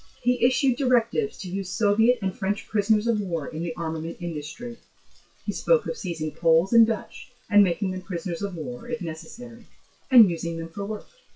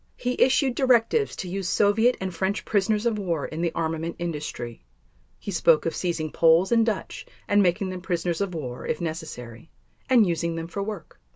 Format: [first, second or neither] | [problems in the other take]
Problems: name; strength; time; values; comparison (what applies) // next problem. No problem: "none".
second | noise reduction (classical method WPE with log-MMSE)